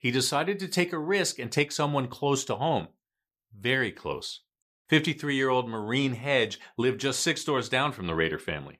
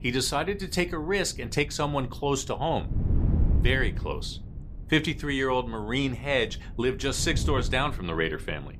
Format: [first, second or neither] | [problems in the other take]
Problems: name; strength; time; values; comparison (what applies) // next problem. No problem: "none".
first | wind noise on the microphone; occasional gusts; 20 dB below the speech